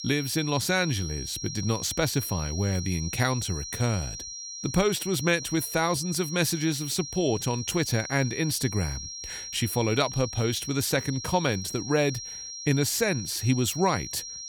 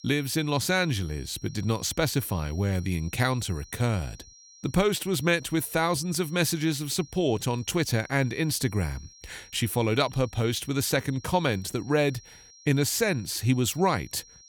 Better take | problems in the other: second | high-pitched whine; loud; throughout; 5.5 kHz, 8 dB below the speech; faint in the second

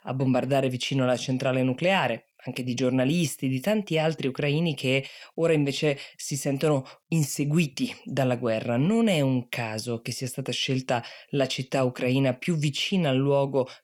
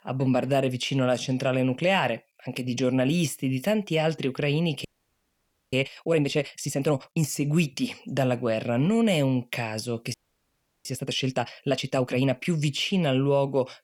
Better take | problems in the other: first | audio freezing; at 5 s for 1 s and at 10 s for 0.5 s

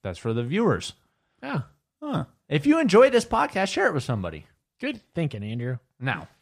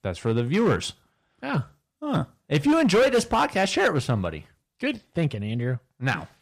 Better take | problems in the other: first | distortion; heavy; 5% of the sound clipped

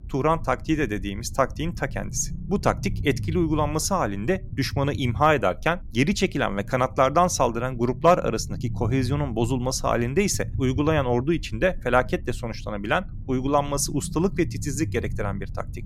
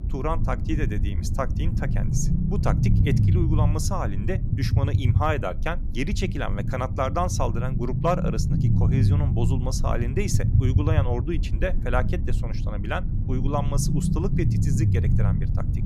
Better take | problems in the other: first | low rumble; loud; throughout; 6 dB below the speech; faint in the first

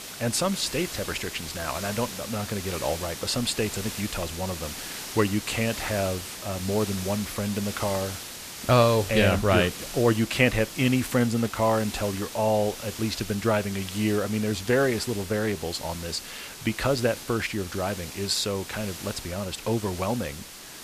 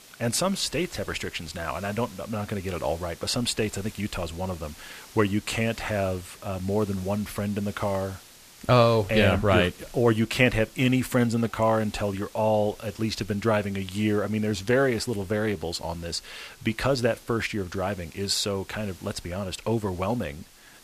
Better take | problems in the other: second | hiss; loud; throughout; 9 dB below the speech; faint in the second

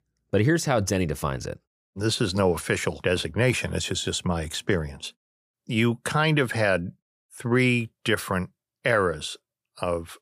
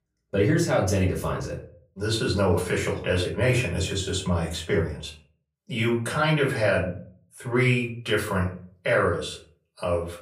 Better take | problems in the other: first | off-mic speech; far // room echo; slight; dies away in 0.4 s

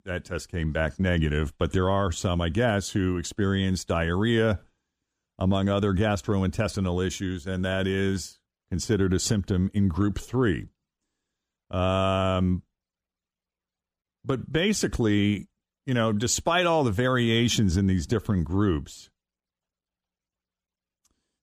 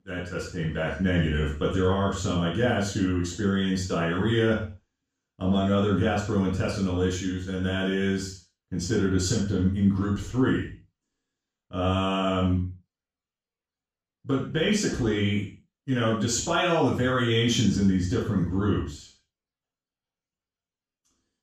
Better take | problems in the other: first | room echo; noticeable; dies away in 0.4 s // off-mic speech; far

